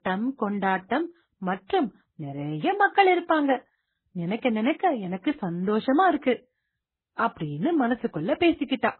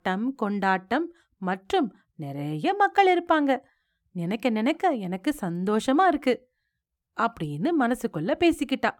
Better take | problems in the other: second | garbled, watery; badly; nothing above 4 kHz

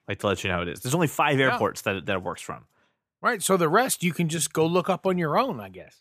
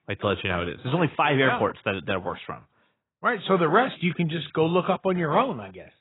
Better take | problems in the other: first | garbled, watery; badly; nothing above 4 kHz

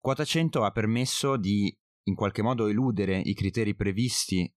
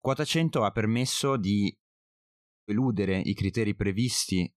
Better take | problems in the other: first | audio cutting out; at 2 s for 0.5 s

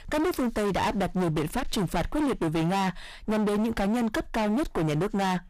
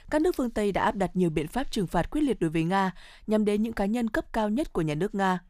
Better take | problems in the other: second | distortion; heavy; 42% of the sound clipped

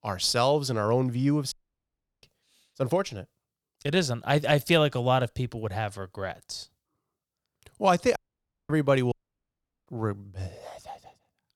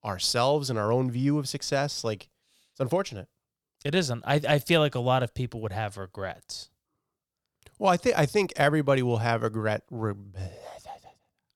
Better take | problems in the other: second | audio cutting out; at 1.5 s for 0.5 s, at 8 s for 0.5 s and at 9 s for 1 s

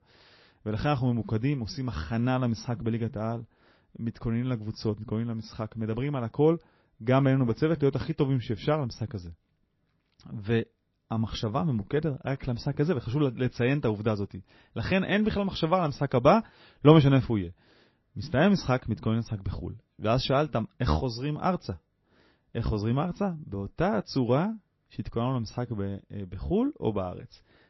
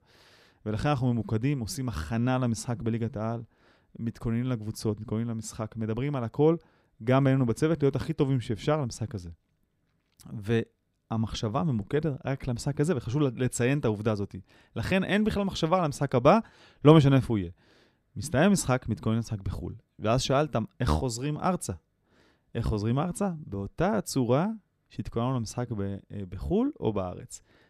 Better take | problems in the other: second | garbled, watery; slightly; nothing above 5.5 kHz

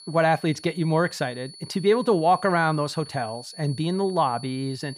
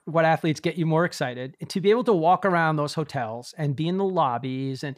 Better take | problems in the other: second | high-pitched whine; noticeable; throughout; 4.5 kHz, 20 dB below the speech

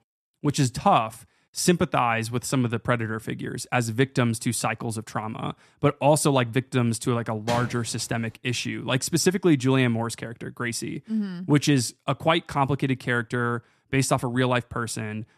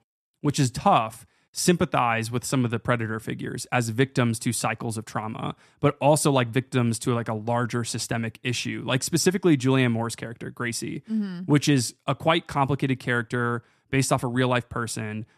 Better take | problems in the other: second | door banging; noticeable; at 7.5 s; peak 8 dB below the speech

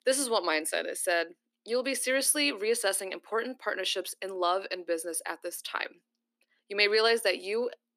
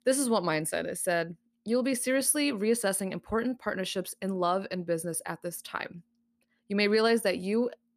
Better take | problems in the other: second | thin; somewhat; fading below 300 Hz

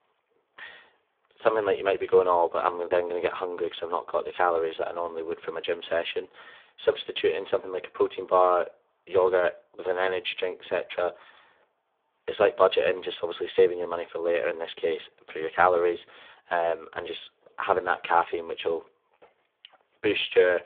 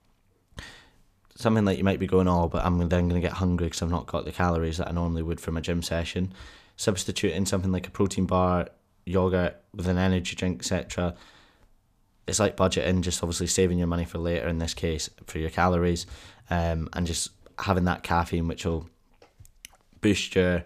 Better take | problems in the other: second | phone-call audio; poor line; nothing above 3.5 kHz

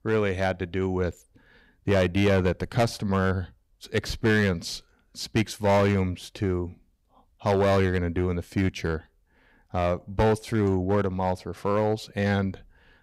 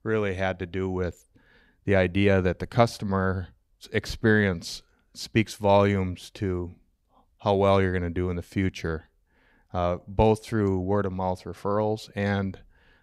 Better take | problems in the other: second | distortion; slight; 5% of the sound clipped

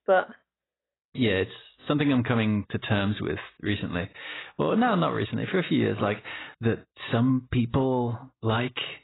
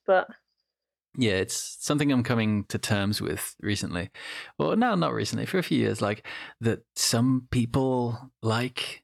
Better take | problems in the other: second | garbled, watery; badly; nothing above 4 kHz

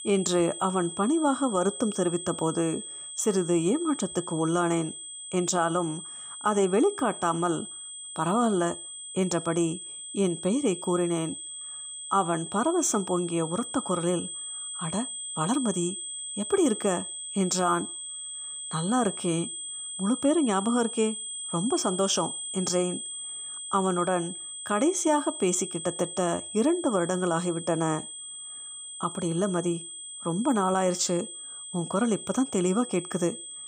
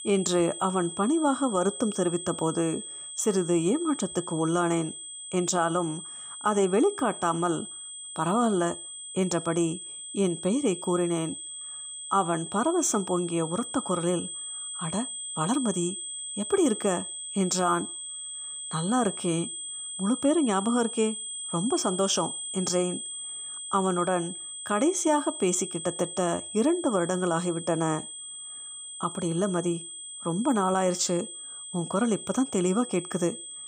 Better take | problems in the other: neither | high-pitched whine; loud; throughout; 8 kHz, 8 dB below the speech; the same in both

